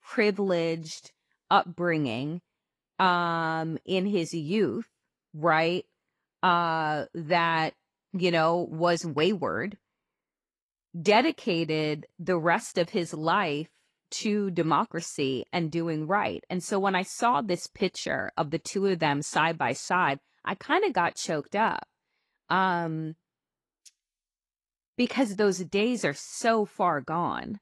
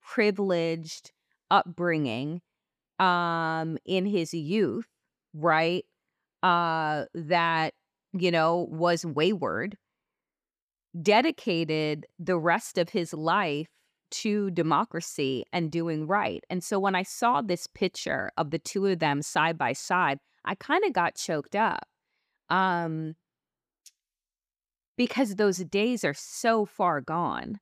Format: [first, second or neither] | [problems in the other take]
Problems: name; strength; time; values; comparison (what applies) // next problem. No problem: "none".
second | garbled, watery; slightly; nothing above 11 kHz